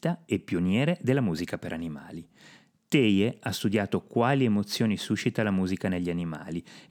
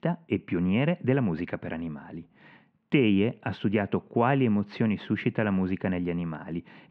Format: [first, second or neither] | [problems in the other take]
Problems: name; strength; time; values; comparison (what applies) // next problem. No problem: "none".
first | muffled; very; fading above 2.5 kHz